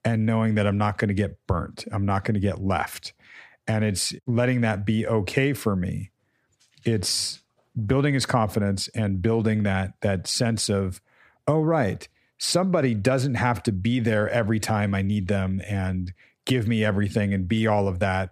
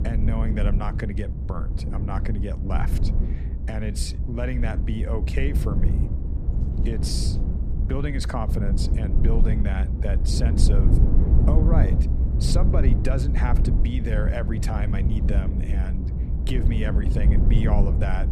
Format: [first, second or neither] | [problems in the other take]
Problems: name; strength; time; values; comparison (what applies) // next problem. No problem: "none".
first | low rumble; loud; throughout; 4 dB below the speech